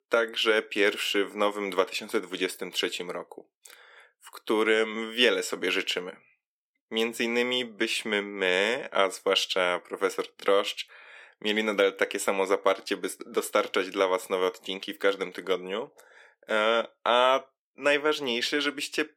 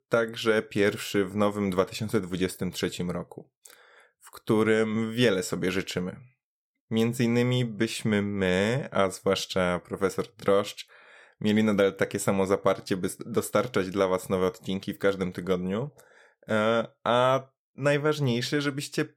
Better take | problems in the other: second | thin; somewhat; fading below 300 Hz

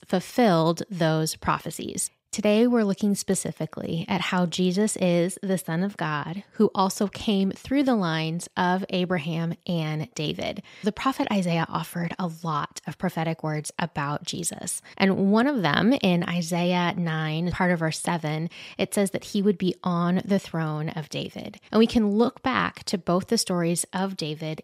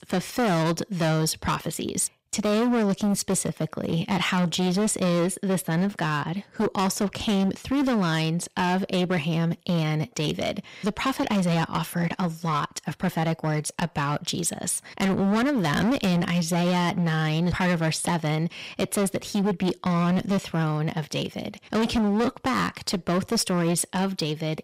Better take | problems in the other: first | distortion; heavy; 17% of the sound clipped

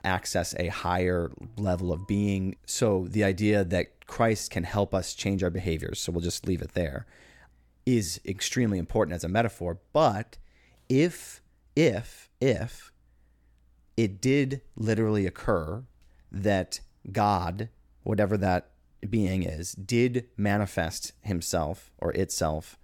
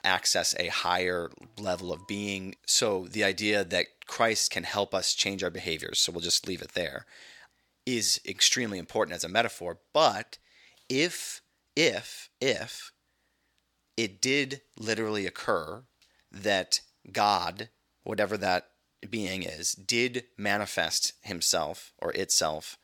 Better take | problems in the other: first | thin; somewhat; fading below 750 Hz

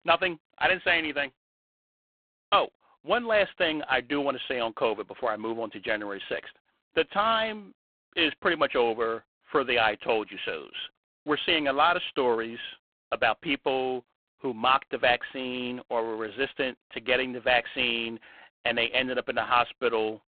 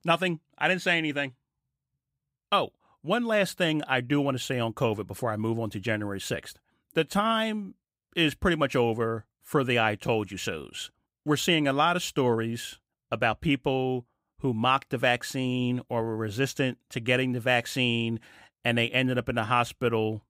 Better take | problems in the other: second | phone-call audio; poor line

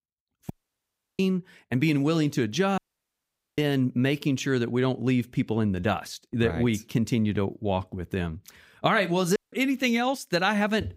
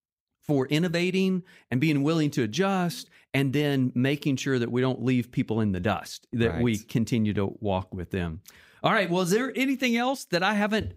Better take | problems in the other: second | audio cutting out; at 0.5 s for 0.5 s, at 3 s for 1 s and at 9.5 s

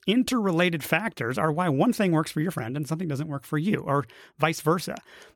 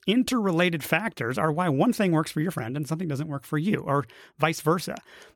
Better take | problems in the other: neither | none

